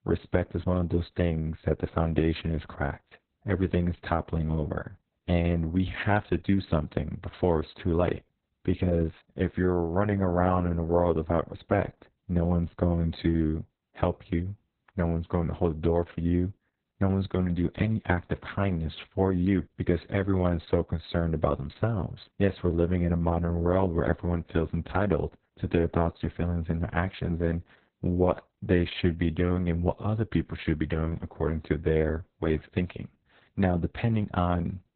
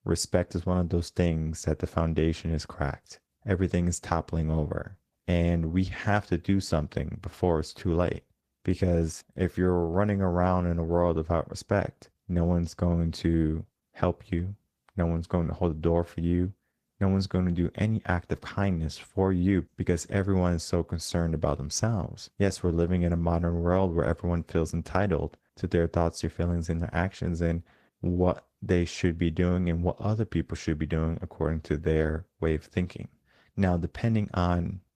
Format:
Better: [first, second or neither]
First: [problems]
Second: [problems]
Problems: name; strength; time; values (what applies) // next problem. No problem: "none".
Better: second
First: garbled, watery; badly; nothing above 4 kHz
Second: garbled, watery; slightly